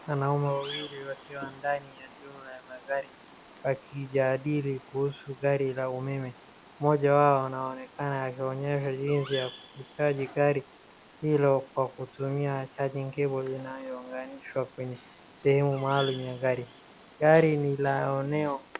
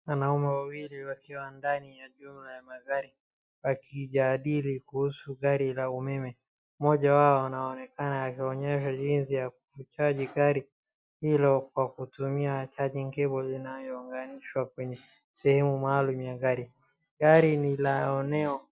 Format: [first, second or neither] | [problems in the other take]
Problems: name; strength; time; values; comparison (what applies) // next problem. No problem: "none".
second | background sound (Bird vocalization, bird call, bird song); 19 dB below the speech